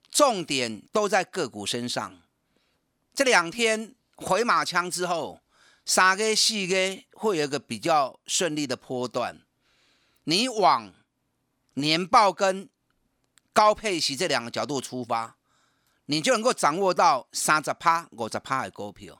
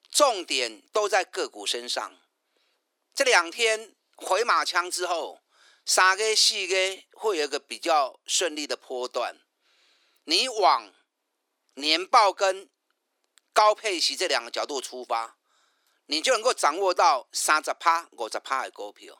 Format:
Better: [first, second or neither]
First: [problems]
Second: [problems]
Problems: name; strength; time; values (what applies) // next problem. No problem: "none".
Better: first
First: none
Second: thin; somewhat; fading below 350 Hz